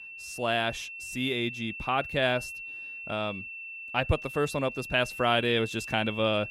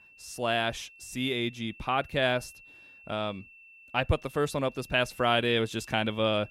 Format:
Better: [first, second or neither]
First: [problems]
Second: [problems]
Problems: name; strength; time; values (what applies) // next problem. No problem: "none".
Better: second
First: high-pitched whine; loud; throughout; 2.5 kHz, 9 dB below the speech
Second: high-pitched whine; faint; throughout; 2.5 kHz, 20 dB below the speech